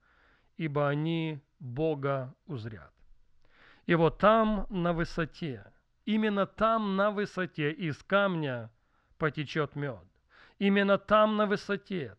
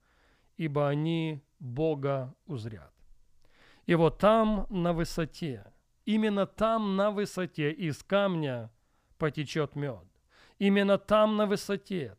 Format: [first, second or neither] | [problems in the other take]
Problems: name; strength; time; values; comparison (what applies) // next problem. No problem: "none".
second | muffled; very slightly; fading above 3.5 kHz